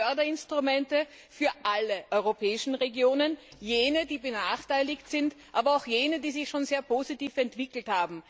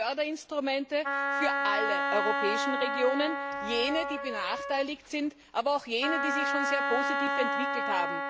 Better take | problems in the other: first | background sound (Wind instrument, woodwind instrument); as loud as the speech

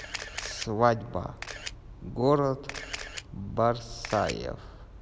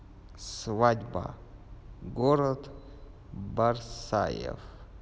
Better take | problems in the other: second | background sound (Camera); 13 dB below the speech

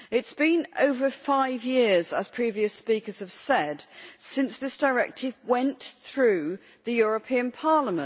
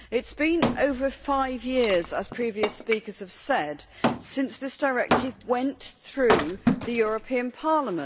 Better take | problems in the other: first | background sound (Wood); 4 dB below the speech

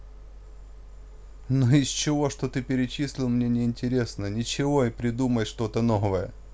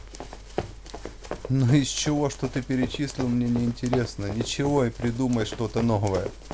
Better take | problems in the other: first | background sound (Run); 11 dB below the speech

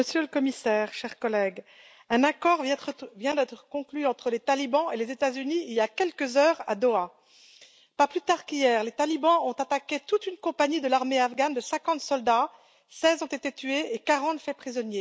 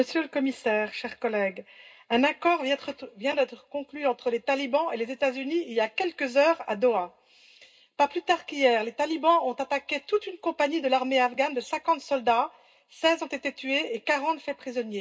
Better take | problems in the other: first | room echo; dies away in 0.2 s

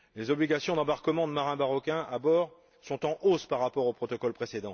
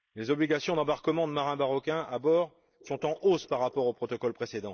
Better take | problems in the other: first | noise reduction (neural mask model Resemble Enhance denoiser)

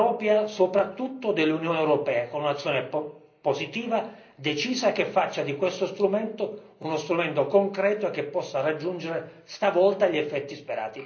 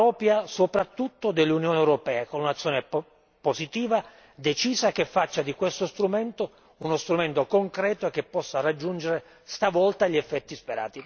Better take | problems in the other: second | room echo; dies away in 0.5 s

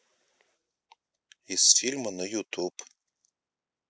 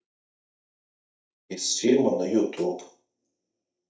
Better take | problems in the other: first | noise reduction (neural mask model DeepFilterNet 3)

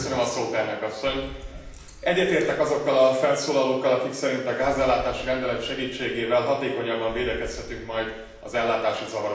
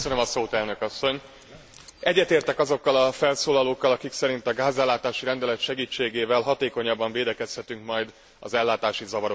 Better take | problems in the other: second | background sound (Boom); 18 dB below the speech // room echo; dies away in 0.9 s

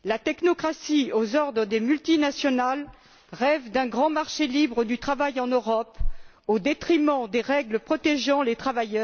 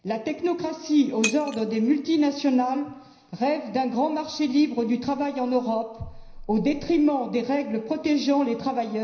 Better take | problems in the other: first | background sound (Shatter); 14 dB below the speech // room echo; dies away in 0.9 s

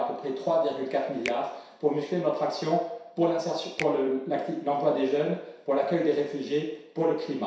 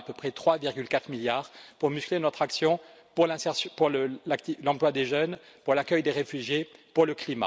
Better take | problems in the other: second | background sound (Finger snapping); 18 dB below the speech // room echo; dies away in 0.7 s

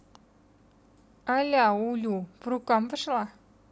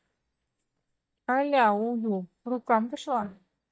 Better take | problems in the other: first | noise reduction (neural mask model DeepFilterNet 3)

